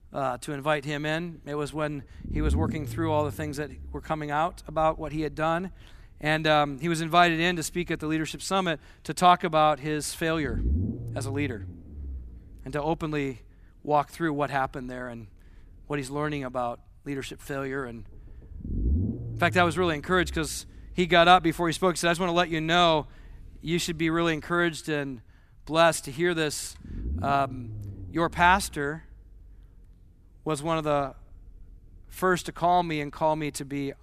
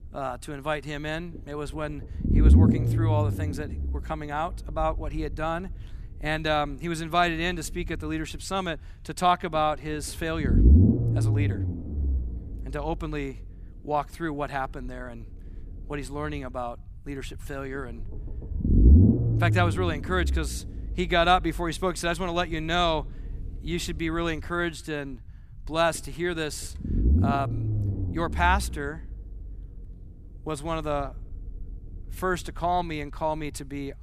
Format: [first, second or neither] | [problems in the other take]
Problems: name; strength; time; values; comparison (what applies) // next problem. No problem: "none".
first | low rumble; loud; throughout; 6 dB below the speech; faint in the first